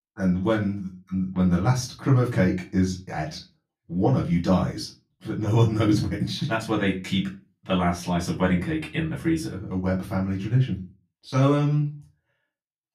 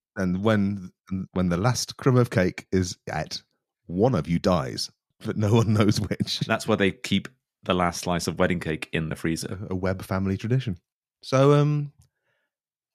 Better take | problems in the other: second | off-mic speech; far // room echo; very slight; dies away in 0.3 s

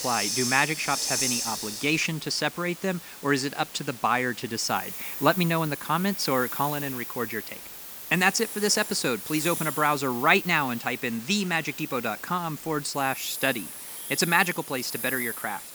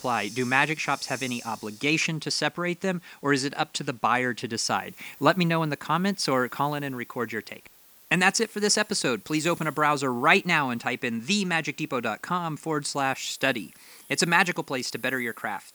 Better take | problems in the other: second | hiss; loud; throughout; 7 dB below the speech; faint in the second

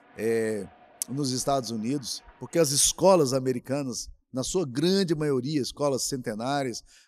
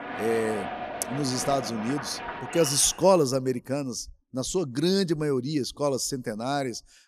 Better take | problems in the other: first | crowd noise; loud; until 3 s; 9 dB below the speech; faint in the first

